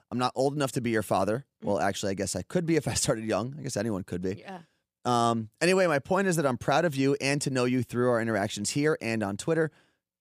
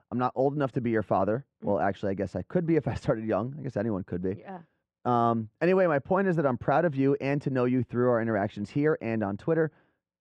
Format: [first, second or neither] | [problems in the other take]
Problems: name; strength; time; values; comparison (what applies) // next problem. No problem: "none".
first | muffled; very; fading above 1.5 kHz